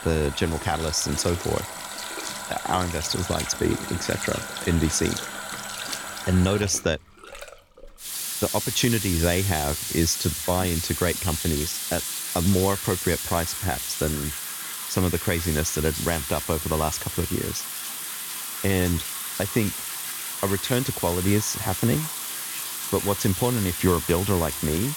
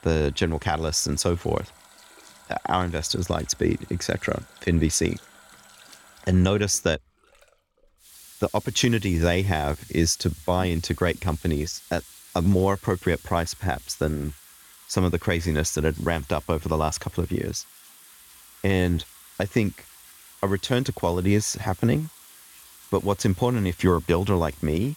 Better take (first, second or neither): second